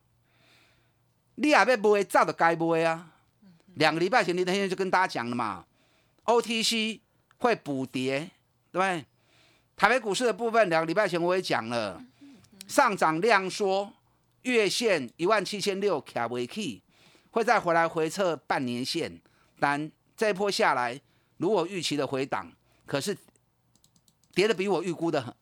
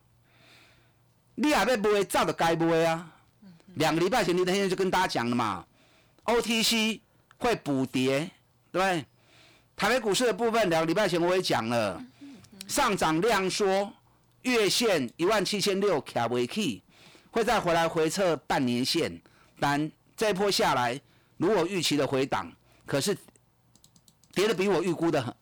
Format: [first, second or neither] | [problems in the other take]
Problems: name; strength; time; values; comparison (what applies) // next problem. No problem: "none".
first | distortion; heavy; 15% of the sound clipped